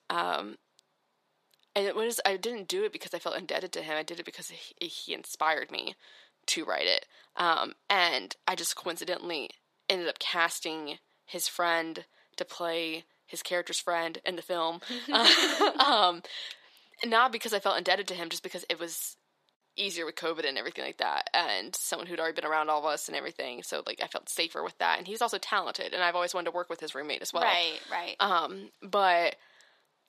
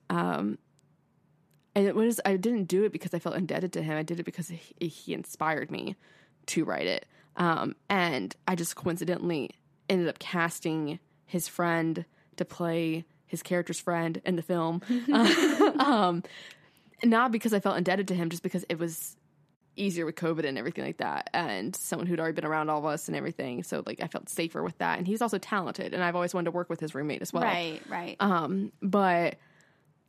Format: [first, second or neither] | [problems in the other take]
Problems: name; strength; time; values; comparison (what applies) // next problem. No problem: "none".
second | thin; very; fading below 600 Hz